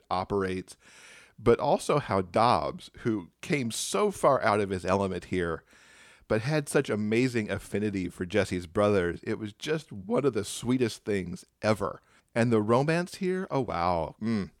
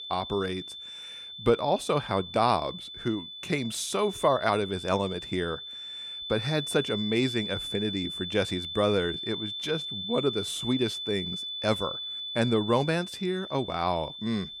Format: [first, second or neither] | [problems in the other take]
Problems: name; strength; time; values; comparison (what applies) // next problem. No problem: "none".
first | high-pitched whine; loud; throughout; 3.5 kHz, 6 dB below the speech